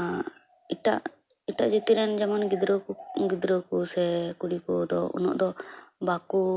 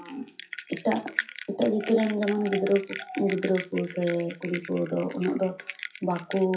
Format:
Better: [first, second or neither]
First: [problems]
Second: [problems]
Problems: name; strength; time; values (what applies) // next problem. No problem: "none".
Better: first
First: none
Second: noise reduction (classical method WPE with log-MMSE)